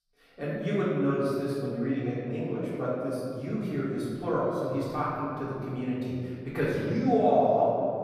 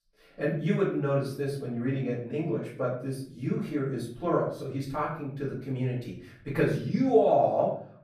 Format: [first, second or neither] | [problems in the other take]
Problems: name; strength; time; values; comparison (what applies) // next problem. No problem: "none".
second | room echo; strong; dies away in 2 s; slight in the second // off-mic speech; far; far in the second